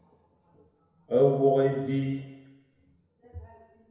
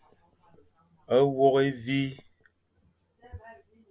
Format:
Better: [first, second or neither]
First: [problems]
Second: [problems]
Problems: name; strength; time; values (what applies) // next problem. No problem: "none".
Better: second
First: room echo; dies away in 1 s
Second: none